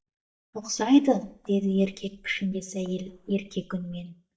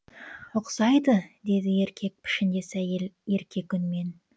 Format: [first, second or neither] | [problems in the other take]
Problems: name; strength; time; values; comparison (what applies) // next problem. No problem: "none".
second | noise reduction (neural mask model DeepFilterNet 3)